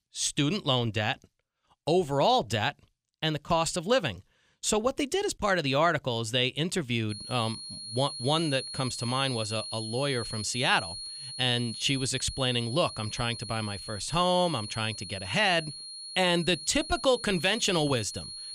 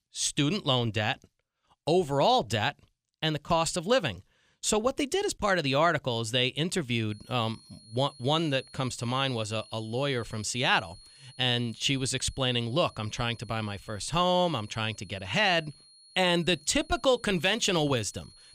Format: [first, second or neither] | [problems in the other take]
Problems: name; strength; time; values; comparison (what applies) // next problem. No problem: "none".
second | high-pitched whine; loud; from 7 s on; 4.5 kHz, 9 dB below the speech; faint in the second